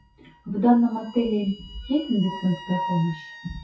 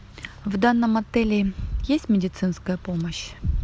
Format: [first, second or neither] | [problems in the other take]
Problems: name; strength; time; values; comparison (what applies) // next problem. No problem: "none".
second | noise reduction (classical method WPE with log-MMSE)